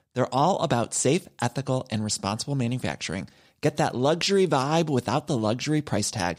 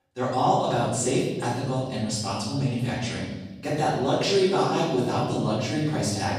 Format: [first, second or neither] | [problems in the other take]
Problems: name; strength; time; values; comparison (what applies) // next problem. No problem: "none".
first | off-mic speech; far // room echo; noticeable; dies away in 1 s